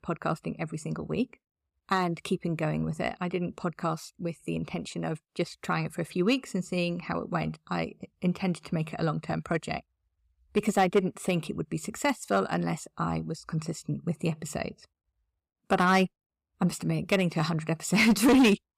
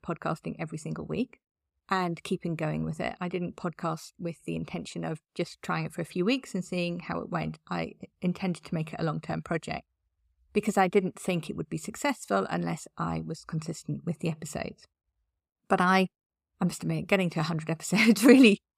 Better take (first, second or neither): second